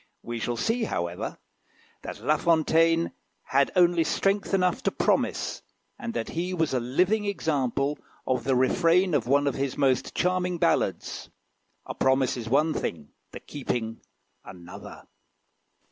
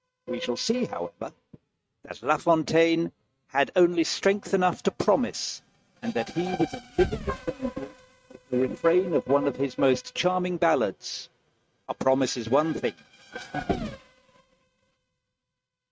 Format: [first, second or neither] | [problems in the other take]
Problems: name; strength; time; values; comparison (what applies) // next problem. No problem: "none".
first | noise reduction (neural mask model RNNoise)